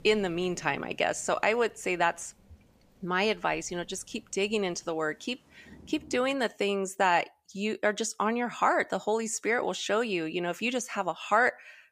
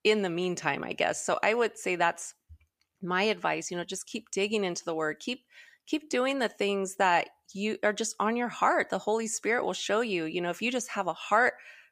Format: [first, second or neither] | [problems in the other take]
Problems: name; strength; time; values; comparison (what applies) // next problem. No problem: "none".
second | rain or running water; faint; until 6 s; 30 dB below the speech